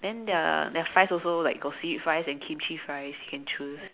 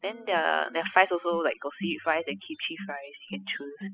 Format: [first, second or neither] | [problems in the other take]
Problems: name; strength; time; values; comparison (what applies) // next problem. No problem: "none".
first | noise reduction (classical method spectral subtraction)